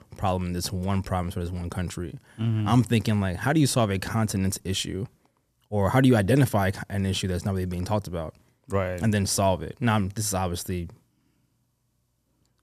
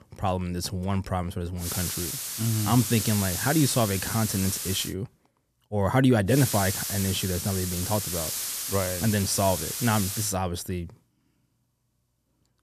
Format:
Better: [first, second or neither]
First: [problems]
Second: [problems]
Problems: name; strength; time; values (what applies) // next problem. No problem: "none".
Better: first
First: none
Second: hiss; loud; from 1.5 to 5 s and from 6.5 to 10 s; 3 dB below the speech